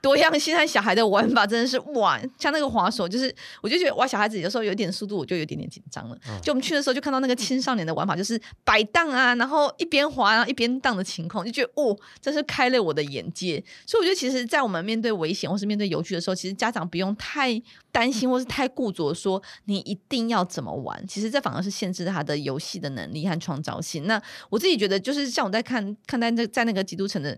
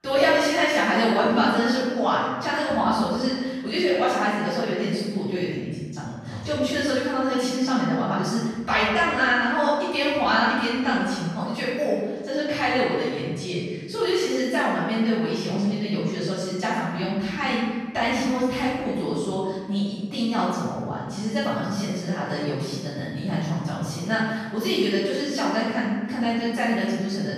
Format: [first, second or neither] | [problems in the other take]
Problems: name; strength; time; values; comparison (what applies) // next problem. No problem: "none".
first | room echo; strong; dies away in 1.3 s // off-mic speech; far